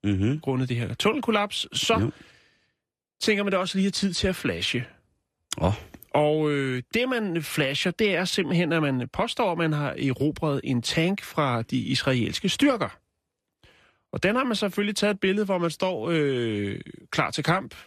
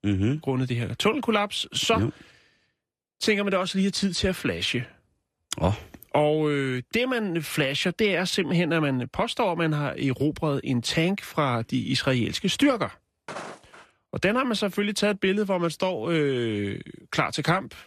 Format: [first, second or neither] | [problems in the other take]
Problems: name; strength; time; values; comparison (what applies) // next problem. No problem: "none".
first | footsteps; faint; at 13 s; peak 10 dB below the speech